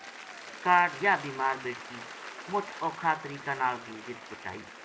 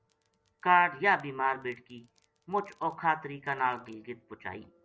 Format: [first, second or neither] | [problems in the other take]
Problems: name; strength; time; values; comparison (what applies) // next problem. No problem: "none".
second | background sound (Applause / Cheering); 13 dB below the speech